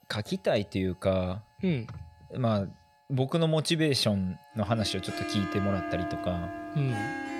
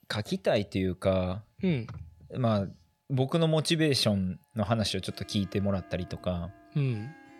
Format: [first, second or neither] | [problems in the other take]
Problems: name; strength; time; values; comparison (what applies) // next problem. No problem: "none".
second | background music; loud; throughout; 6 dB below the speech; faint in the second